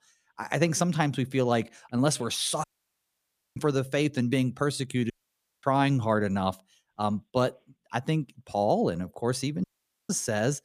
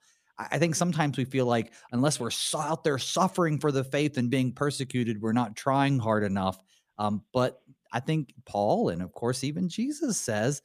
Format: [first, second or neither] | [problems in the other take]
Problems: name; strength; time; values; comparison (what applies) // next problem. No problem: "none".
second | audio cutting out; at 2.5 s for 1 s, at 5 s for 0.5 s and at 9.5 s